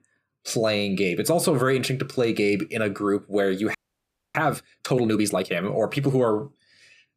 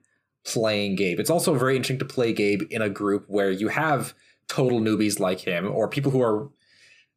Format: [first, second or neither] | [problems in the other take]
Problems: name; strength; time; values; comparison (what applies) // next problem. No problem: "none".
second | audio freezing; at 4 s for 0.5 s